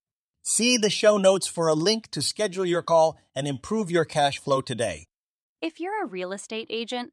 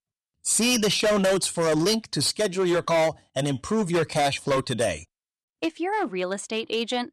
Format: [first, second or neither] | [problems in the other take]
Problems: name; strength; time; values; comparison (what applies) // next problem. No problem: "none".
first | distortion; heavy; 13% of the sound clipped